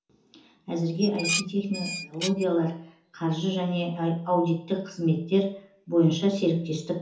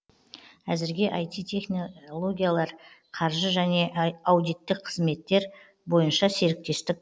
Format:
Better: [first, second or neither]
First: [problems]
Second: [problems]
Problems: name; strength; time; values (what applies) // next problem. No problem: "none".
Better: second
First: background sound (Dishes, pots, and pans); 8 dB below the speech // room echo; dies away in 0.6 s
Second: none